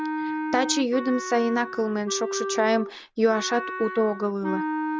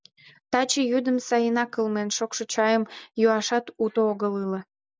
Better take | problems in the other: second | background sound (Wind instrument, woodwind instrument); 6 dB below the speech

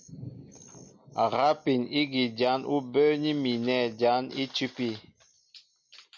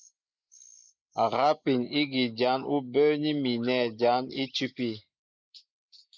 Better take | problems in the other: first | noise reduction (neural mask model Resemble Enhance denoiser)

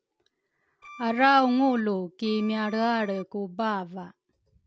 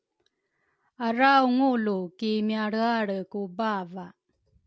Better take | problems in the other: second | background sound (Bowed string instrument); 19 dB below the speech

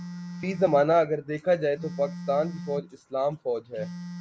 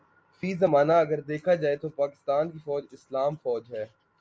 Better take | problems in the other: second | background sound (Telephone); 12 dB below the speech

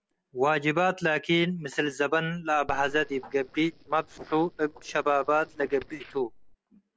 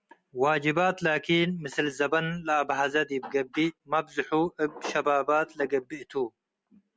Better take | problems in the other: second | noise reduction (neural separator model SepFormer DNS4)

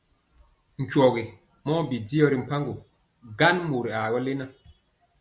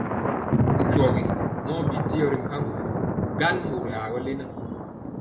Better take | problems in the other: first | background sound (Thunder); 4 dB above the speech // room echo; dies away in 0.7 s

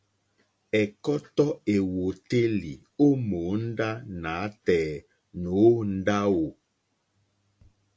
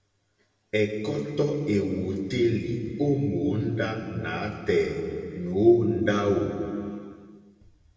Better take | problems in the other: first | room echo; dies away in 2.3 s

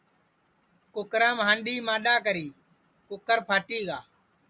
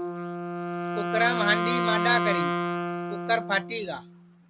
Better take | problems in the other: first | background sound (Wind instrument, woodwind instrument); 1 dB above the speech

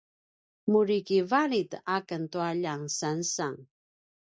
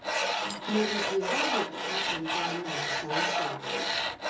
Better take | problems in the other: first | background sound (Tools); 5 dB above the speech // room echo; dies away in 0.7 s

